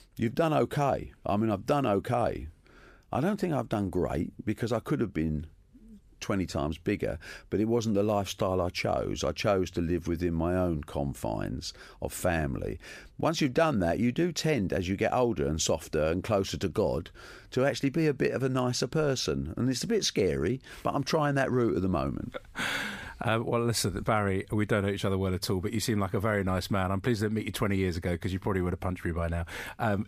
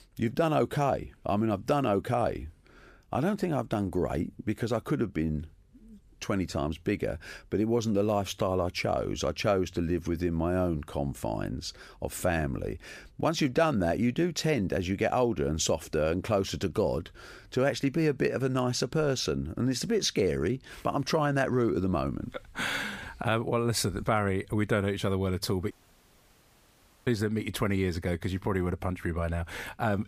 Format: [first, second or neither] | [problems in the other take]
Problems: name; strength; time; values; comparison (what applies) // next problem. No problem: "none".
first | audio cutting out; at 26 s for 1.5 s